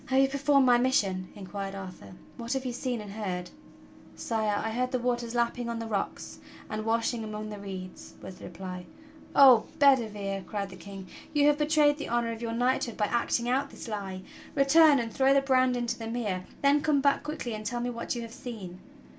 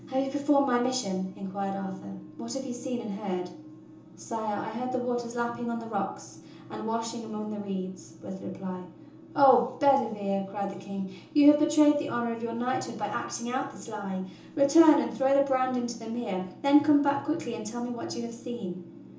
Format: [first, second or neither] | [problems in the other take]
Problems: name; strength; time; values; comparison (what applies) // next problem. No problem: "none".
first | room echo; dies away in 0.6 s